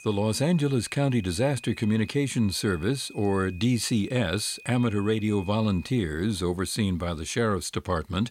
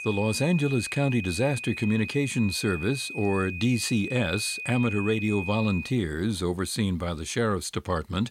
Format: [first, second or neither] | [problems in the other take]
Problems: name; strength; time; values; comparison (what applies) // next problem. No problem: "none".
first | high-pitched whine; loud; until 6 s; 2.5 kHz, 8 dB below the speech; faint in the first